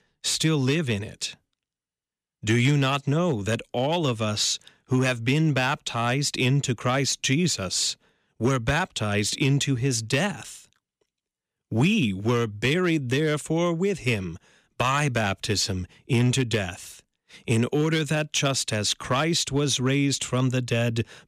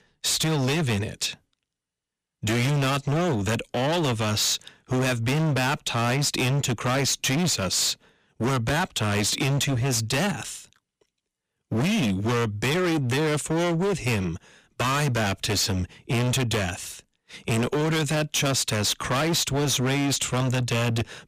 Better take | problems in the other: first | distortion; heavy; 29% of the sound clipped

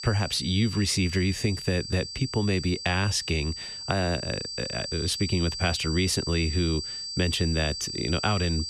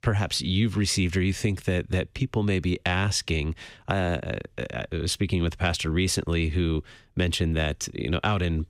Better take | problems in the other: second | high-pitched whine; loud; throughout; 4.5 kHz, 6 dB below the speech

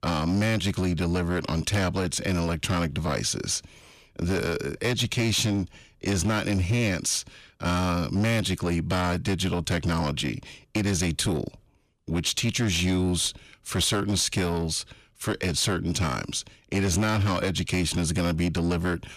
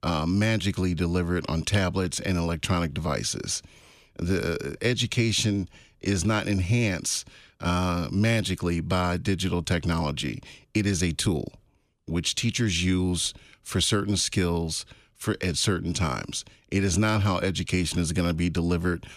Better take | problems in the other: second | distortion; slight; 12% of the sound clipped

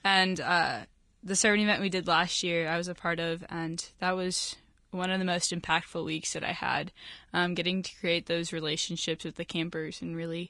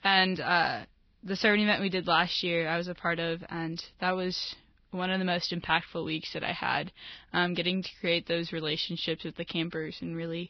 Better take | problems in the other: first | garbled, watery; badly; nothing above 5.5 kHz; slightly in the first

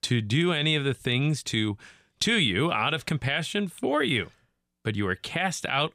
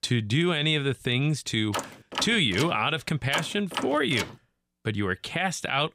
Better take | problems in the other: first | door banging; noticeable; from 1.5 to 4.5 s; peak 8 dB below the speech

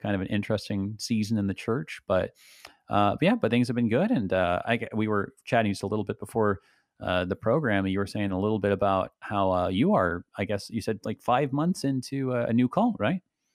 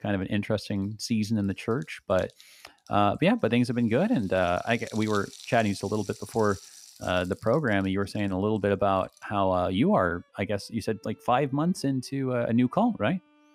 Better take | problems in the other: first | background music; faint; throughout; 20 dB below the speech

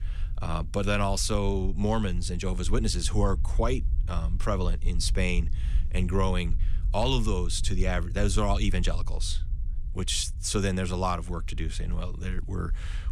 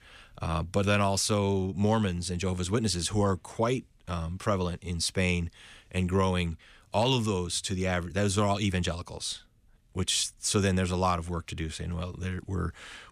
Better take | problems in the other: second | low rumble; faint; throughout; 20 dB below the speech

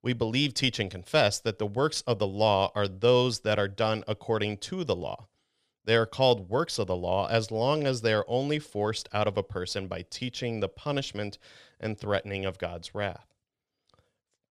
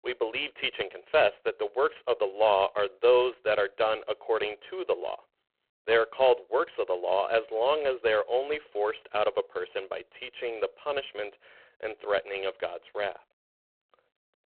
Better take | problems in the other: first | phone-call audio; poor line

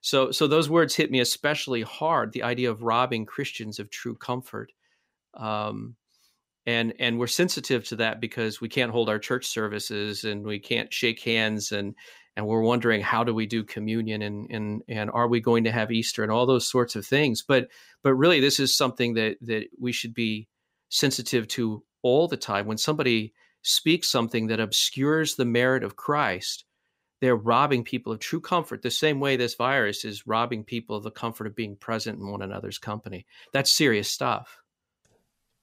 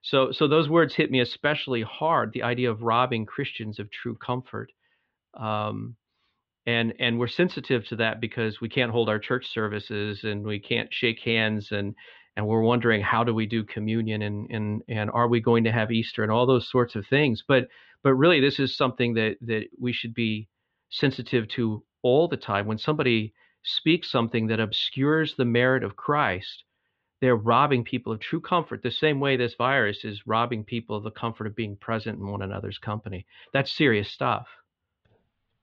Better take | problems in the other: first | muffled; slightly; fading above 3.5 kHz

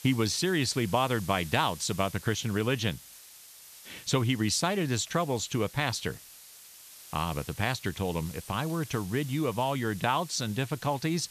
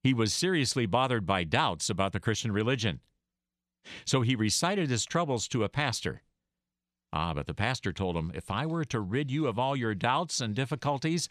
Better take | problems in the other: second | hiss; noticeable; throughout; 15 dB below the speech

